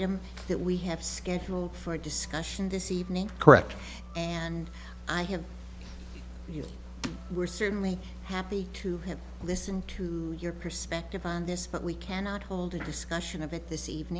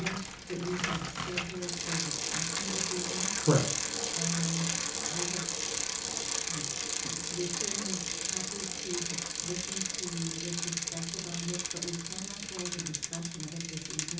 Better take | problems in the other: first | background sound (Bicycle); 3 dB above the speech // room echo; dies away in 0.7 s

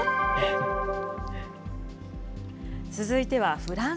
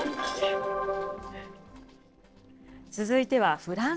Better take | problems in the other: first | noise reduction (neural separator model SepFormer DNS4)

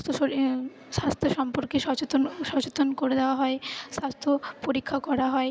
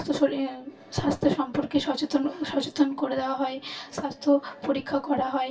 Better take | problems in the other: first | room echo; dies away in 0.2 s

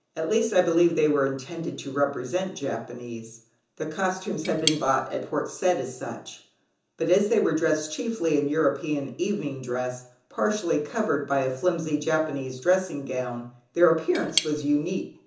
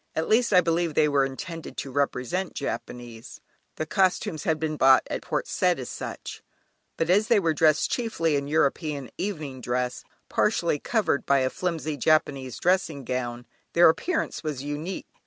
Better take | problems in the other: second | background sound (Cutlery, silverware / Tap); 7 dB below the speech // room echo; dies away in 0.7 s

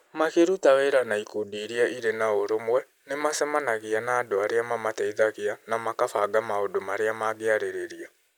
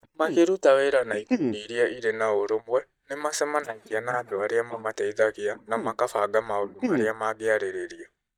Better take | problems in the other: first | noise reduction (neural mask model DeepFilterNet 3)

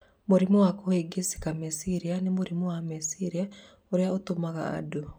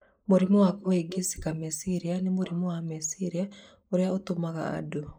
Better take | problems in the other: first | noise reduction (neural mask model Resemble Enhance denoiser)

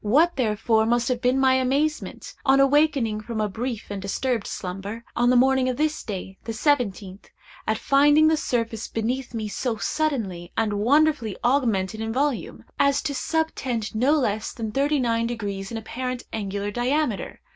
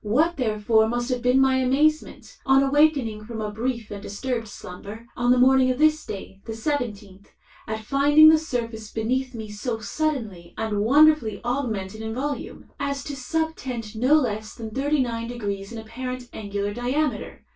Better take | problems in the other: first | room echo; dies away in 0.2 s

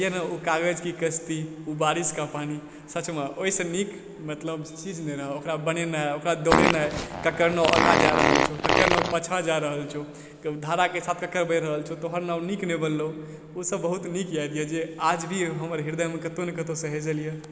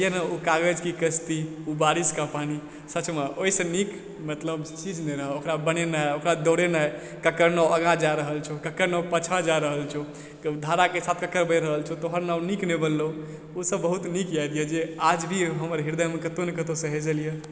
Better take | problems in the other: second | background sound (Fart); 5 dB above the speech

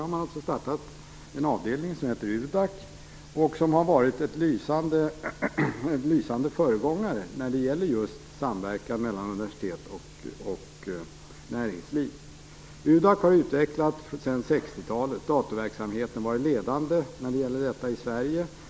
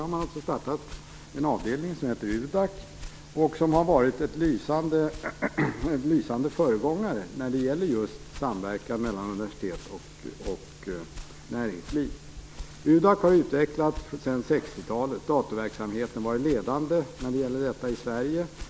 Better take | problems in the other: first | background sound (Walk, footsteps); 18 dB below the speech

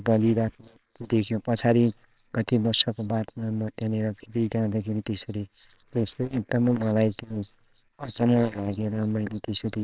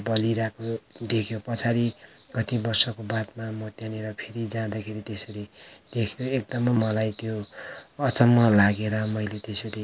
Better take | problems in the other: second | noise reduction (neural separator model SepFormer WHAMR!)

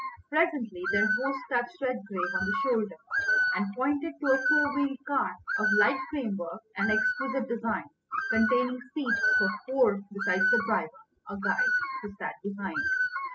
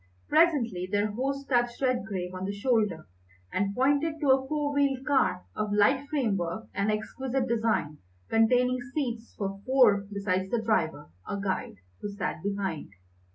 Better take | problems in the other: second | noise reduction (classical method spectral subtraction)

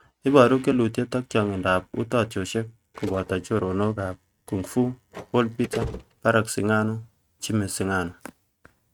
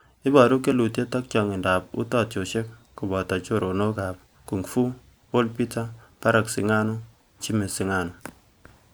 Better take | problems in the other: second | noise reduction (neural mask model RNNoise)

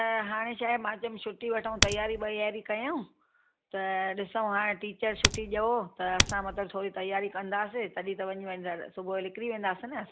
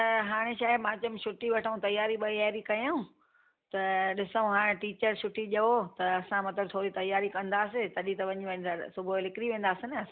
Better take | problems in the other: second | background sound (Typing); 3 dB above the speech

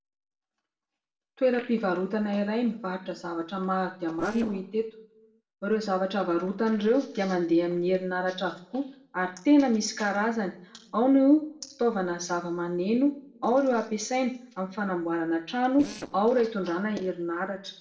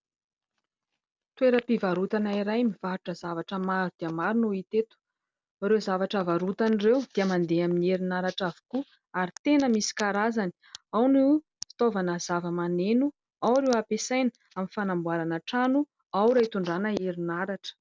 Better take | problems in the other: second | noise reduction (neural separator model SepFormer DNS4)

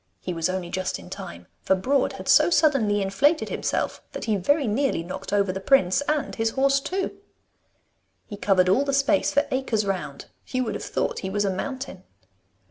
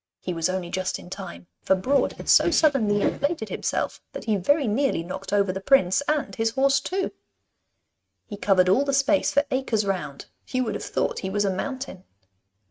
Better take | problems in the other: first | noise reduction (neural mask model RNNoise)

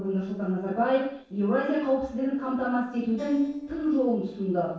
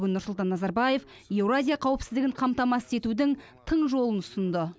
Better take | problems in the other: second | noise reduction (neural separator model SepFormer DNS4)

